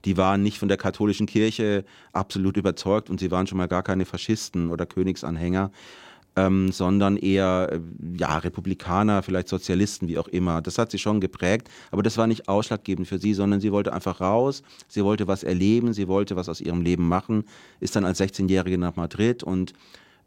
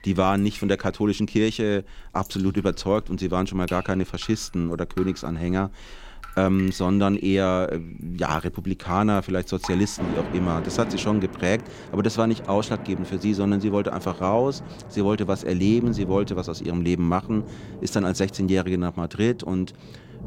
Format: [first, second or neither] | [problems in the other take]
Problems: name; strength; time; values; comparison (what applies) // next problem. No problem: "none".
first | rain or running water; noticeable; throughout; 15 dB below the speech